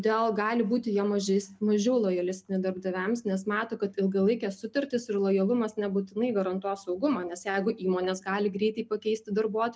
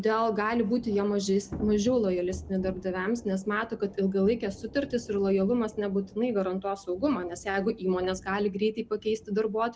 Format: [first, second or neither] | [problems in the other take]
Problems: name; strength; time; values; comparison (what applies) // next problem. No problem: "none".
first | background sound (Thunder / Rain); 18 dB below the speech